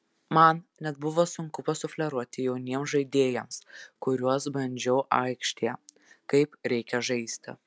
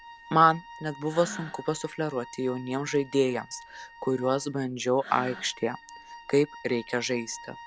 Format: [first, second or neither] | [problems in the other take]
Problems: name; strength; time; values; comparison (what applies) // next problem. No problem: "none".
first | background sound (Wind instrument, woodwind instrument + Breathing); 17 dB below the speech